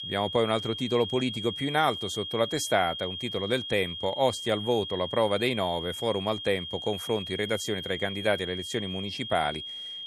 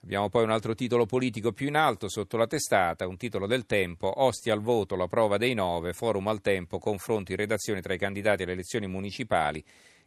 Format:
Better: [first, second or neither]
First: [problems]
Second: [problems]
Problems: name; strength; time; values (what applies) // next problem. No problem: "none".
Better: second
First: high-pitched whine; loud; throughout; 3 kHz, 6 dB below the speech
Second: none